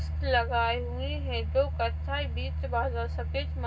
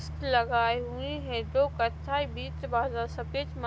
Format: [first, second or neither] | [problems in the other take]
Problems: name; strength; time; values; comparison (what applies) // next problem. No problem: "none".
second | room echo; dies away in 0.4 s